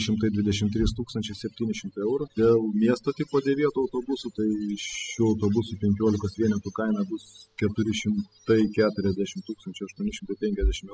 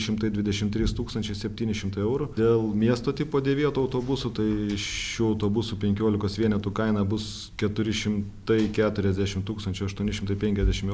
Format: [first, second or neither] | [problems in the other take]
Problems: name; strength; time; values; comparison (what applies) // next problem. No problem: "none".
second | noise reduction (classical method spectral subtraction)